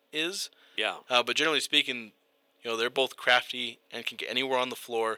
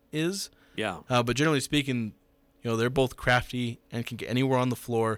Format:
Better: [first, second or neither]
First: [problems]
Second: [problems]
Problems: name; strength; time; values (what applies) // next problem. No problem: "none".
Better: second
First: thin; somewhat; fading below 500 Hz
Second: none